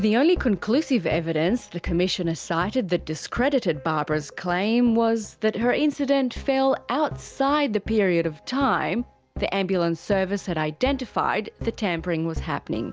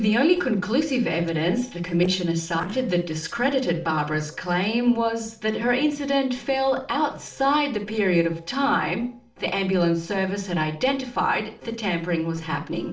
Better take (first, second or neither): first